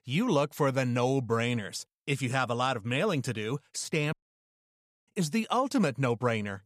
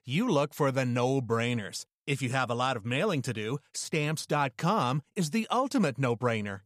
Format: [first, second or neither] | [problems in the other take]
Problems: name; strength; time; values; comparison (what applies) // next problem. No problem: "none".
second | audio cutting out; at 4 s for 1 s